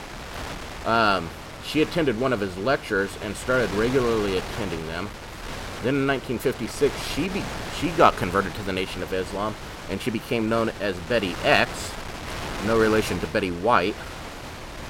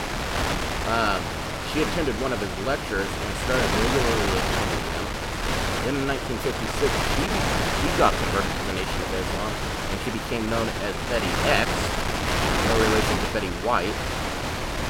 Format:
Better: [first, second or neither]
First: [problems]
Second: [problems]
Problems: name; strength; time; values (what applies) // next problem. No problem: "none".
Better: first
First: wind noise on the microphone; occasional gusts; 10 dB below the speech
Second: wind noise on the microphone; heavy; 2 dB above the speech